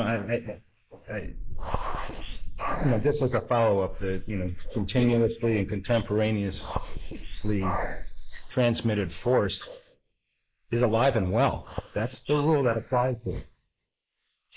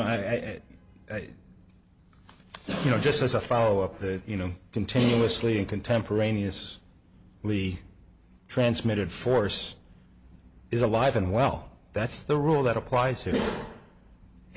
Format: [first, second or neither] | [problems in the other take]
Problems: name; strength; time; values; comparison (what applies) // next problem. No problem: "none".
second | noise reduction (neural mask model Resemble Enhance denoiser)